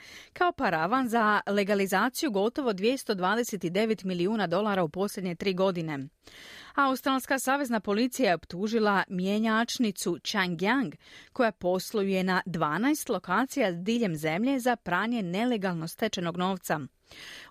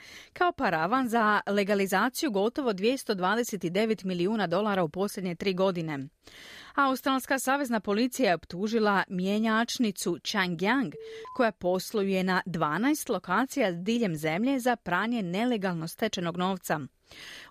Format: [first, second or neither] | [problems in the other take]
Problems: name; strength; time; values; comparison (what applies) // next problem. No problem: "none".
first | alarm; faint; at 11 s; peak 15 dB below the speech